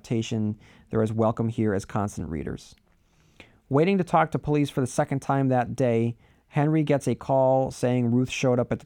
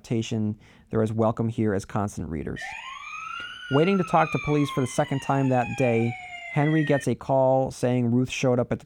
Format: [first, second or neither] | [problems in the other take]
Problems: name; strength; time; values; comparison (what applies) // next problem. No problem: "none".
first | siren; noticeable; from 2.5 to 7 s; peak 8 dB below the speech